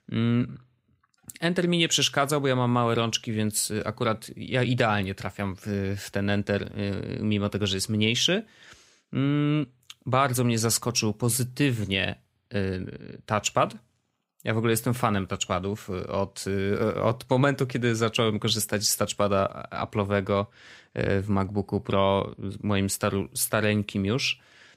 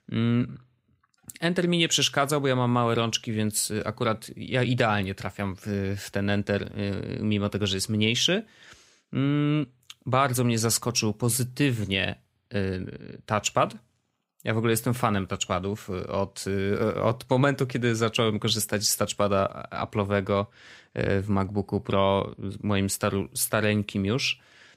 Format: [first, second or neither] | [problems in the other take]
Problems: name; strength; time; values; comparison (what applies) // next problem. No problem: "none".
neither | none